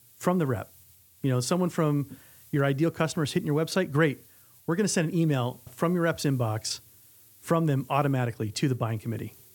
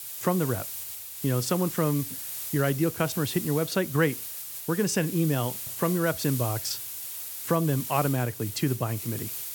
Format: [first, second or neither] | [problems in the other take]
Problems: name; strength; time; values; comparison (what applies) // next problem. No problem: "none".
first | hiss; loud; throughout; 6 dB below the speech; faint in the first